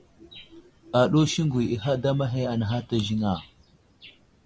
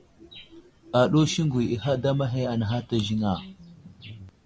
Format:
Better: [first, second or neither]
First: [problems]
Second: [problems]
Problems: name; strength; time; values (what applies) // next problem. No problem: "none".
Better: first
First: none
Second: background sound (Bass guitar); 19 dB below the speech